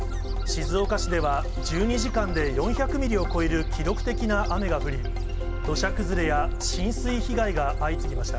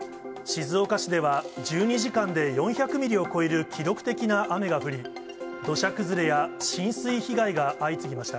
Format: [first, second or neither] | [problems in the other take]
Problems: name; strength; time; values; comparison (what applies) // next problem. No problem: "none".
second | background sound (Gull, seagull); as loud as the speech